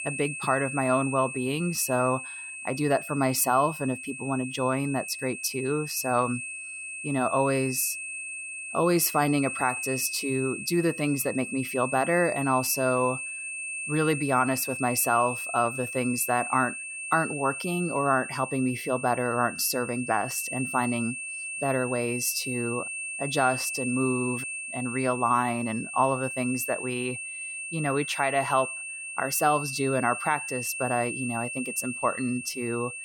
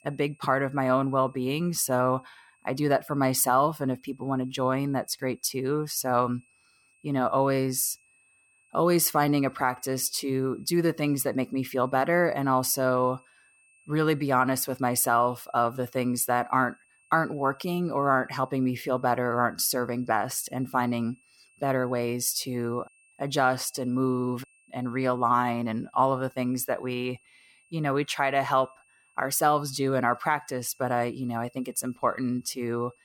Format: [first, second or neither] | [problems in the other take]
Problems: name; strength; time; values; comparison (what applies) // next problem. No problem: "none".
second | high-pitched whine; loud; throughout; 2.5 kHz, 6 dB below the speech; faint in the second